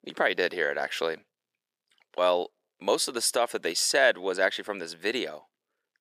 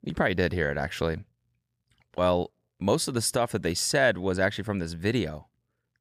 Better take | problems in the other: second | thin; somewhat; fading below 350 Hz

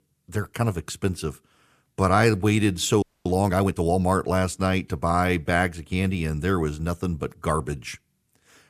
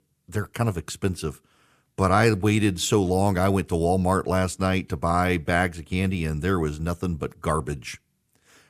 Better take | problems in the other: second | audio freezing; at 3 s

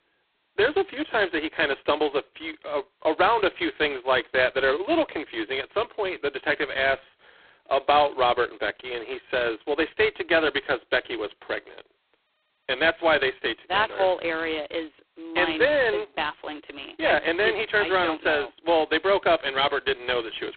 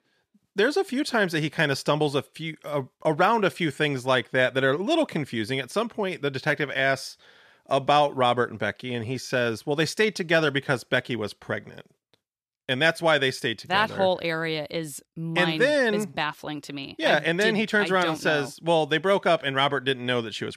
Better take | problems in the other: second | phone-call audio; poor line; nothing above 4 kHz

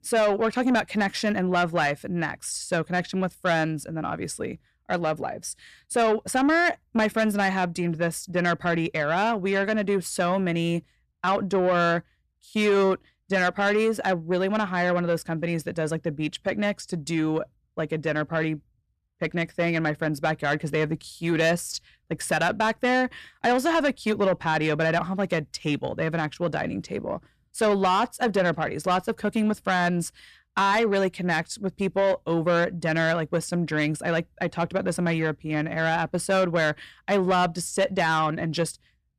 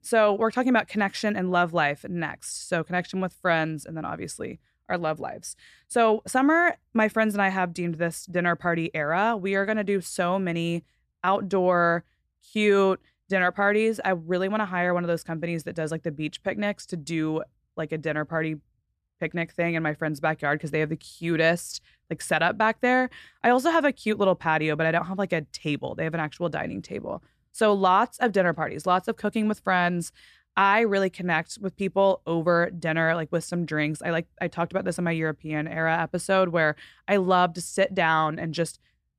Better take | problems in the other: second | distortion; slight; 10 dB below the speech

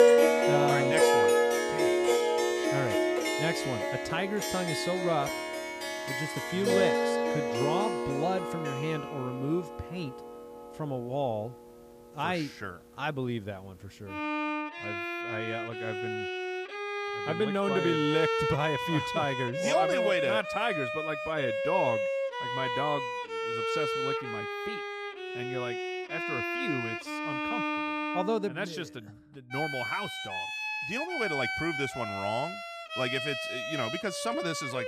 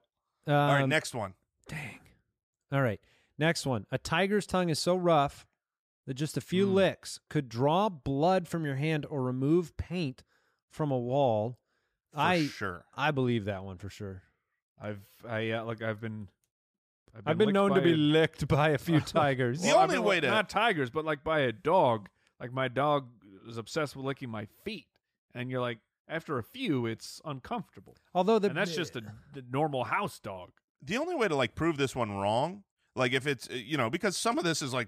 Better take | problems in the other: second | background music; very loud; throughout; 3 dB above the speech

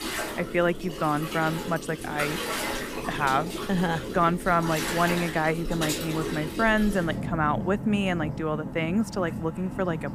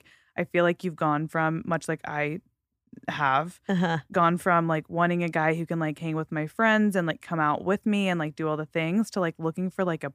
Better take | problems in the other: second | rain or running water; loud; throughout; 6 dB below the speech

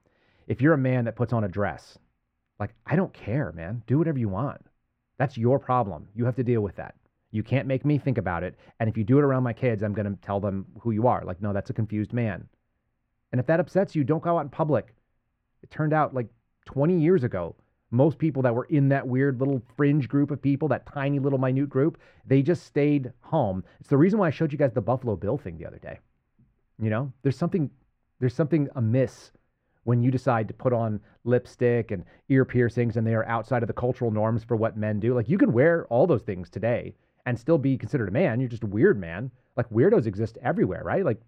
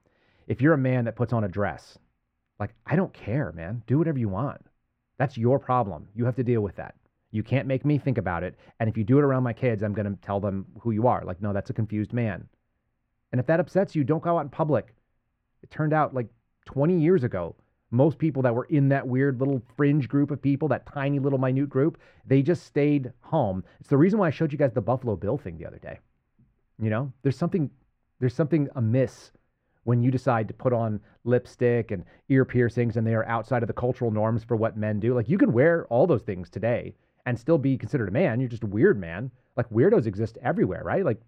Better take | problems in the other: neither | muffled; very; fading above 3.5 kHz; the same in both

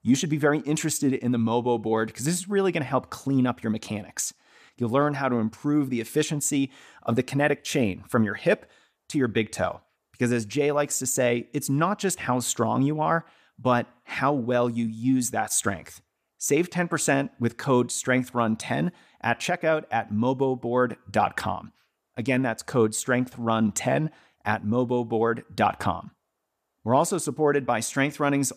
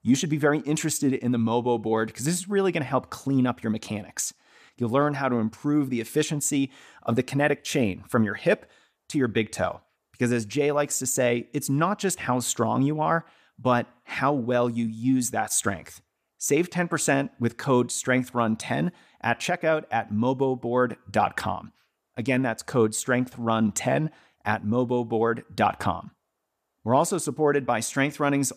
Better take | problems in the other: neither | none

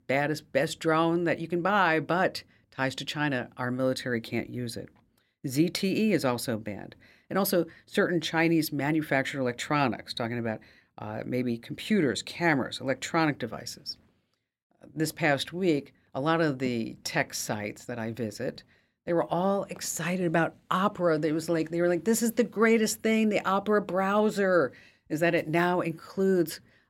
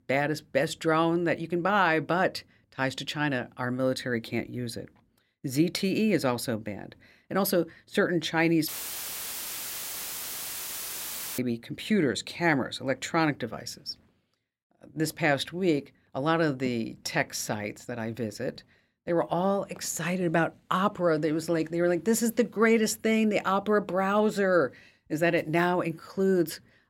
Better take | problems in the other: first | audio cutting out; filled with static; at 8.5 s for 2.5 s

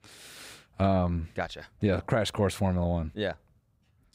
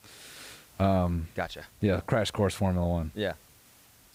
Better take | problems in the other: first | hiss; faint; throughout; 25 dB below the speech

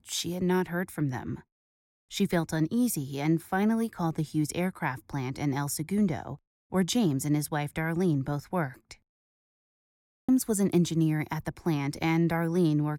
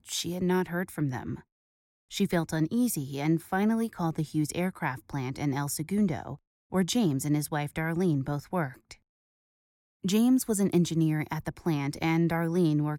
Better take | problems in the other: second | audio freezing; at 10 s

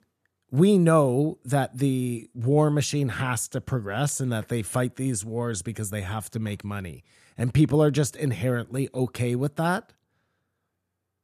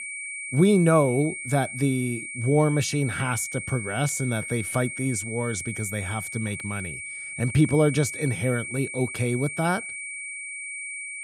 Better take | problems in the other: first | high-pitched whine; loud; throughout; 2.5 kHz, 8 dB below the speech

